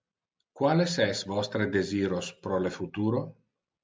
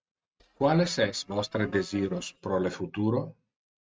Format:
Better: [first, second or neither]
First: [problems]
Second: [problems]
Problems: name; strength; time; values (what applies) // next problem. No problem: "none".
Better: first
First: none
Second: noise reduction (neural mask model RNNoise)